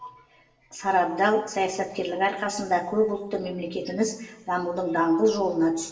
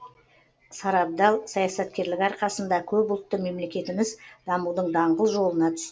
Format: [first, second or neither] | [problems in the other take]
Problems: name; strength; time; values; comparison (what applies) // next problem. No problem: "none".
second | room echo; dies away in 1 s